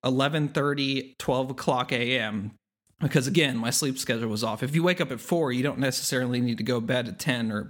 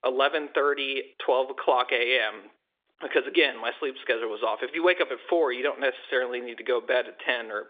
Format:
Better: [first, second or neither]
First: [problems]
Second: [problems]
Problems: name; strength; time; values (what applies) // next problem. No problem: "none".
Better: first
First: none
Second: phone-call audio